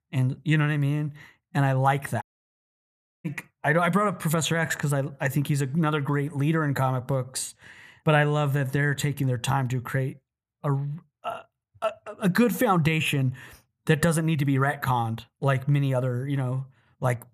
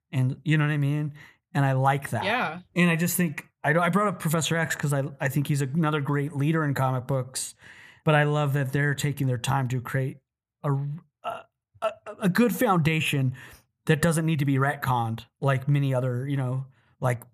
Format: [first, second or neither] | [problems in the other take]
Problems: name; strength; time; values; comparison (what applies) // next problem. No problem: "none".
second | audio cutting out; at 2 s for 1 s